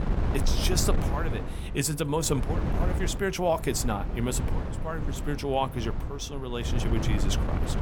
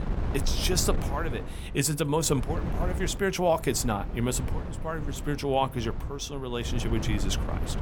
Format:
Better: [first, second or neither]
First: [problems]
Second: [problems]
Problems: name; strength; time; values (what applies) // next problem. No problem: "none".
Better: second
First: wind noise on the microphone; heavy; 8 dB below the speech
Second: wind noise on the microphone; occasional gusts; 10 dB below the speech